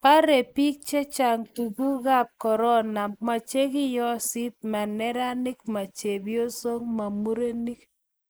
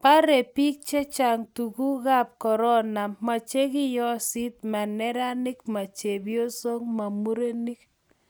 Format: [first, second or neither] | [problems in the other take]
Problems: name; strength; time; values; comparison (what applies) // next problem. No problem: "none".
second | noise reduction (neural mask model Resemble Enhance denoiser)